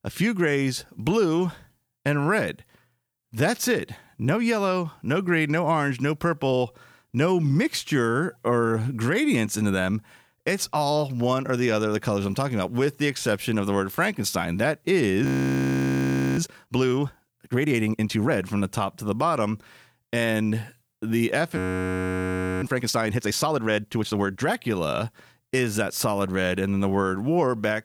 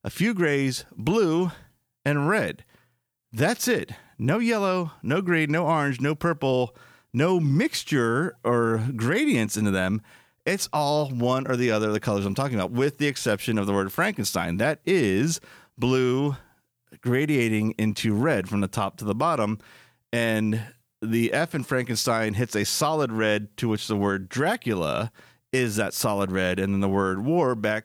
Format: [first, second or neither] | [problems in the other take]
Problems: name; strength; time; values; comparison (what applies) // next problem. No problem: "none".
second | audio freezing; at 15 s for 1 s and at 22 s for 1 s